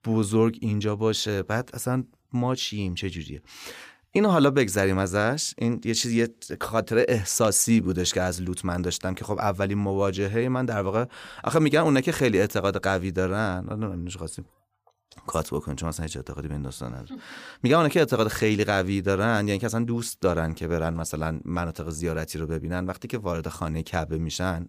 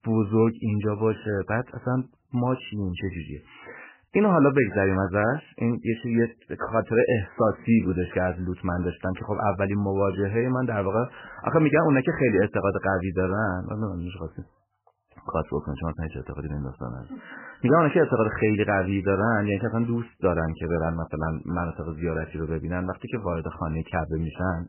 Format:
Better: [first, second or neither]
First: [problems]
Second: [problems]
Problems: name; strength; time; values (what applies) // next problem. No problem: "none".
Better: first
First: none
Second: garbled, watery; badly; nothing above 3 kHz